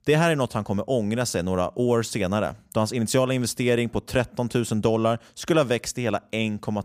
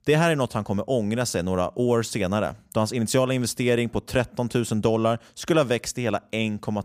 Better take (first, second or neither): neither